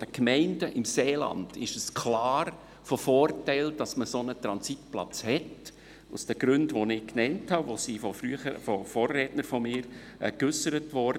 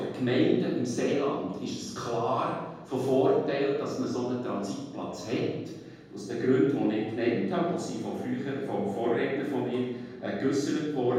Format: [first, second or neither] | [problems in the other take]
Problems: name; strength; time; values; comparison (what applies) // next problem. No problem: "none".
first | room echo; dies away in 1.3 s